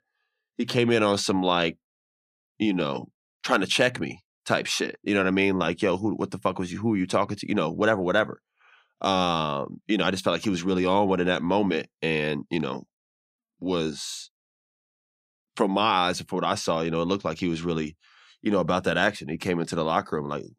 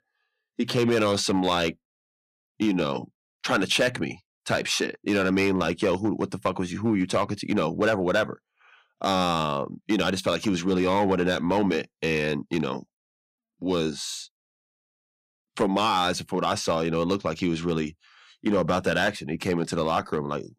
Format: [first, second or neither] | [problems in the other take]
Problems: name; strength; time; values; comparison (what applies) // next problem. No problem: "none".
first | distortion; slight; 3% of the sound clipped